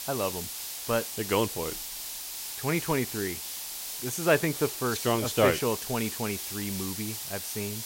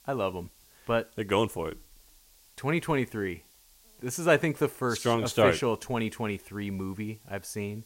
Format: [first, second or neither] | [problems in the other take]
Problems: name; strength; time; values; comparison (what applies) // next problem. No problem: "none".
second | hiss; loud; throughout; 5 dB below the speech; faint in the second